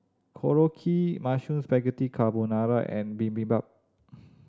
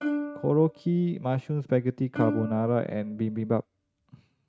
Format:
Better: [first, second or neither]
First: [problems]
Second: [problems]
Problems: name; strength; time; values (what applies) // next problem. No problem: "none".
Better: first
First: none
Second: noise reduction (neural mask model RNNoise)